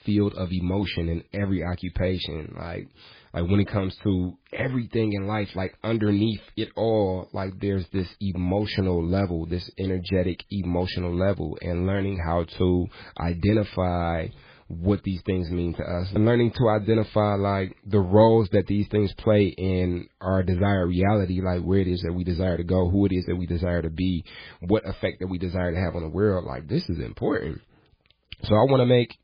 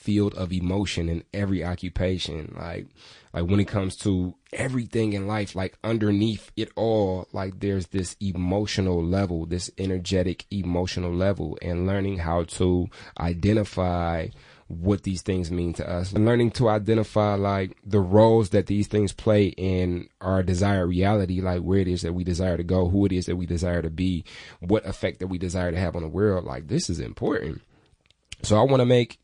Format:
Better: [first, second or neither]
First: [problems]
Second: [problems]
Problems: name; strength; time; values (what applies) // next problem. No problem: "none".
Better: second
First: garbled, watery; badly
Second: garbled, watery; slightly; nothing above 9 kHz